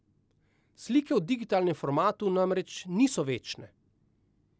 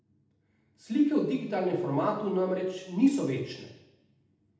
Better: first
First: none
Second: room echo; dies away in 0.8 s

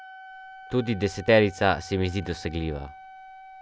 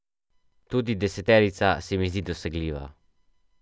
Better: second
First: background sound (Wind instrument, woodwind instrument); 18 dB below the speech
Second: none

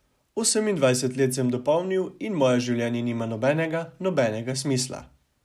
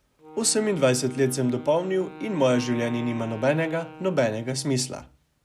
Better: first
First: none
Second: background sound (Wind instrument, woodwind instrument); 17 dB below the speech

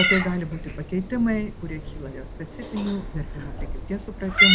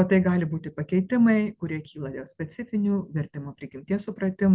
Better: second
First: background sound (Meow); 2 dB above the speech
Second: none

